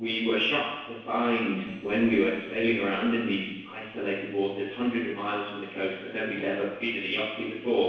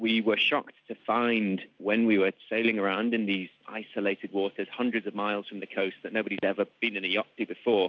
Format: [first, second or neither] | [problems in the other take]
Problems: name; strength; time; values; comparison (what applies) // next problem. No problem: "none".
second | noise reduction (neural separator model SepFormer DNS4)